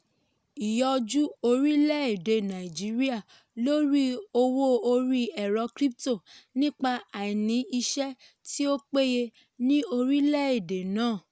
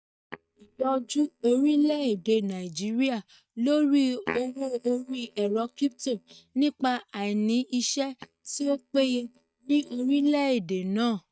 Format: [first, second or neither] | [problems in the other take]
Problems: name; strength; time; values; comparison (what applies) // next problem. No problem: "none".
first | noise reduction (neural mask model DeepFilterNet 3)